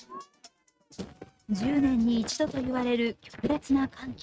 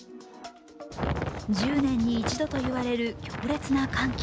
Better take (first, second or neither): second